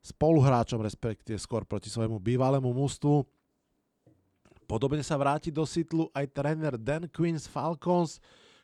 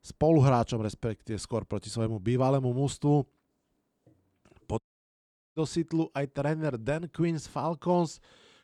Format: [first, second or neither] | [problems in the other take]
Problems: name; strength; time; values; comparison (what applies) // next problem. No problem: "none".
first | audio cutting out; at 5 s for 1 s